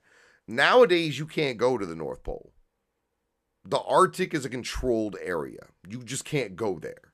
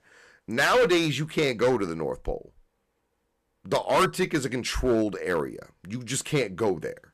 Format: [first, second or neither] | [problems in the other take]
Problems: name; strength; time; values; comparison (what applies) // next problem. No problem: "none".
first | distortion; heavy; 6% of the sound clipped